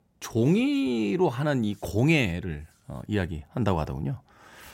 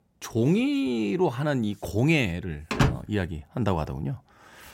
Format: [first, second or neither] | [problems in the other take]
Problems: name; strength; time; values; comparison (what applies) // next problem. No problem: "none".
first | door banging; loud; at 2.5 s; peak 1 dB above the speech